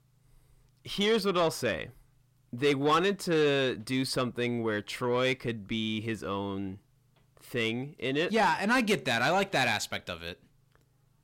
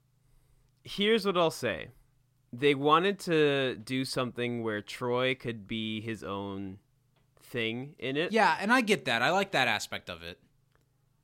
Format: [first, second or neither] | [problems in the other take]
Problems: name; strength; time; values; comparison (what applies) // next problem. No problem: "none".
second | distortion; slight; 10 dB below the speech